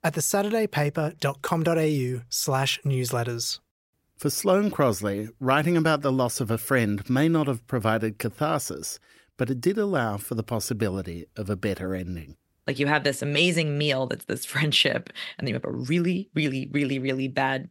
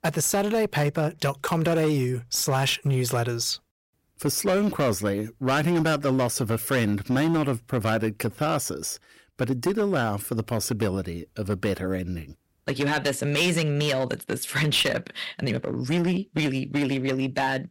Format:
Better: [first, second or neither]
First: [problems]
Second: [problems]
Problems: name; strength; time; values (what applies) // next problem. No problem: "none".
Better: first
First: none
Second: distortion; slight; 10% of the sound clipped